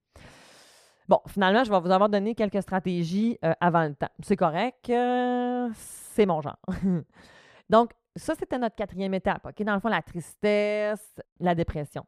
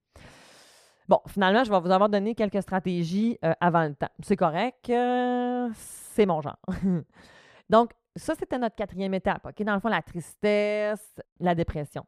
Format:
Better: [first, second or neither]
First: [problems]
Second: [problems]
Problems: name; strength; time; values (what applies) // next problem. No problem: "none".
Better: neither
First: muffled; slightly; fading above 2 kHz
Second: muffled; slightly; fading above 2 kHz